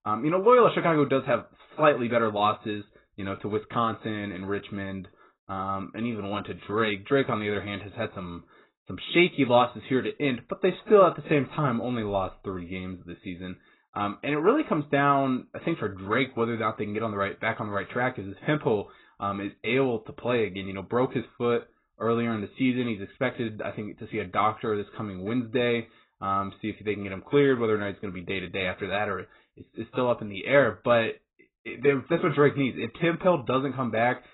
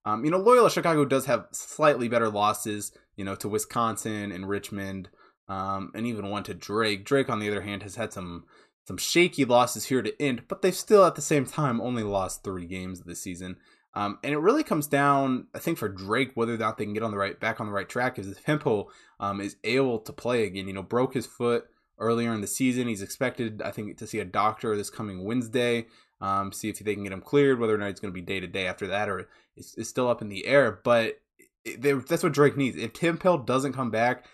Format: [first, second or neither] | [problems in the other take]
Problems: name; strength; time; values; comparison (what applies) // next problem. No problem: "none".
second | garbled, watery; badly; nothing above 4 kHz